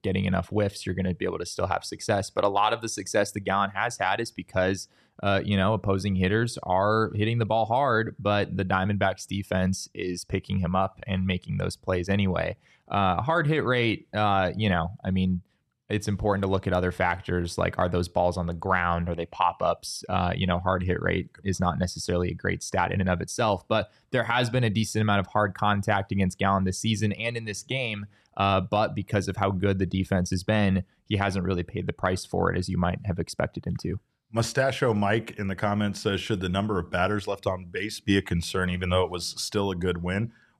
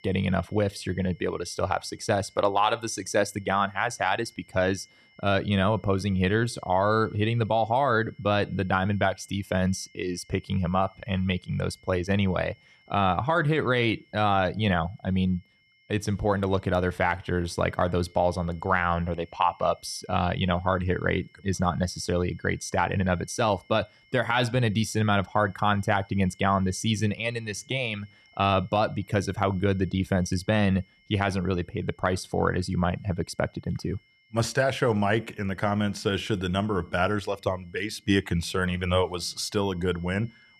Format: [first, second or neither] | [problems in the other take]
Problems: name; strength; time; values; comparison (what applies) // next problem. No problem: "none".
first | high-pitched whine; faint; throughout; 2 kHz, 30 dB below the speech